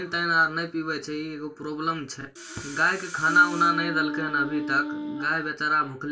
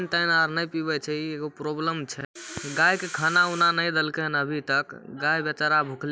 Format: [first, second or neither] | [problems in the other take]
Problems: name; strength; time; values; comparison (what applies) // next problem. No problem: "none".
second | background sound (Wind instrument, woodwind instrument); 7 dB below the speech // room echo; dies away in 0.2 s